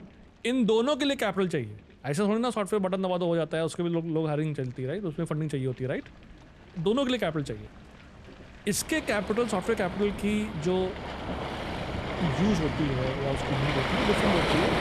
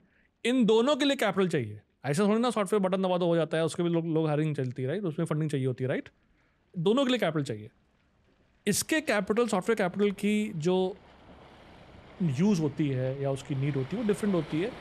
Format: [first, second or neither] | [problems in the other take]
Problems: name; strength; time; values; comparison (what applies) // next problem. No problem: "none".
second | rain or running water; loud; throughout; 3 dB below the speech; faint in the second